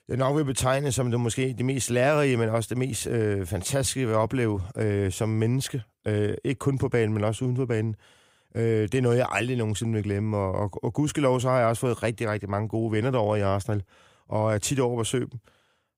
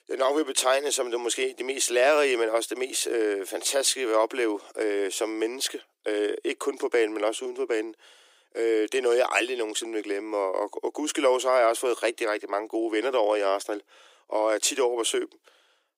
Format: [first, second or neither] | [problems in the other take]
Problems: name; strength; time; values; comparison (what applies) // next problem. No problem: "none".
first | thin; very; fading below 300 Hz